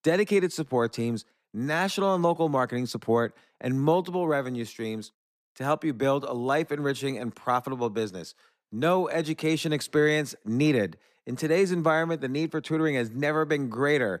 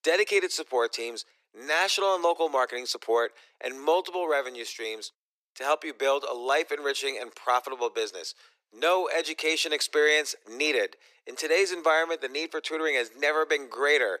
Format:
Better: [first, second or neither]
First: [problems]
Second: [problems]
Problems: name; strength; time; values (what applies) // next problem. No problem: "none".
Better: first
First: none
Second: thin; very; fading below 400 Hz